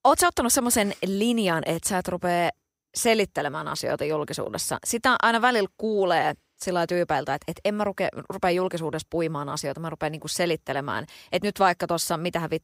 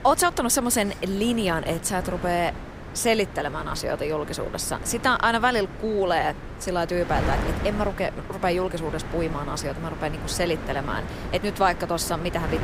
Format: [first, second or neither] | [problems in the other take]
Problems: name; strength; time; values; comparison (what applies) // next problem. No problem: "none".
first | wind noise on the microphone; occasional gusts; 10 dB below the speech